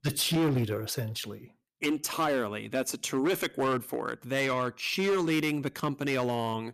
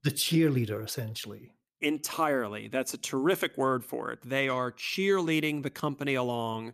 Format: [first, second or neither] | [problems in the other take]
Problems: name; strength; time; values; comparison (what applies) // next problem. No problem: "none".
second | distortion; slight; 9% of the sound clipped